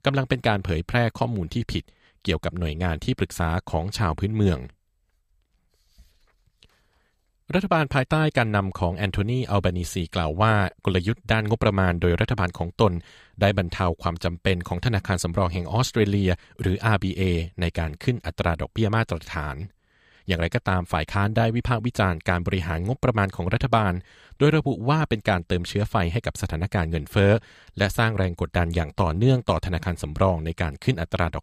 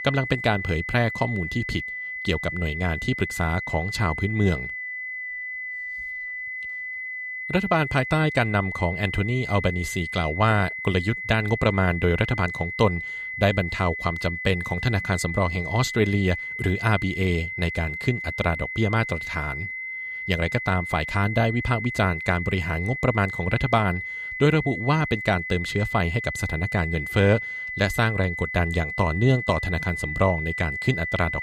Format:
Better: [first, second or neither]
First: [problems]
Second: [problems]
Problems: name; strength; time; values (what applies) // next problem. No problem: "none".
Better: first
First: none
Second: high-pitched whine; loud; throughout; 2 kHz, 6 dB below the speech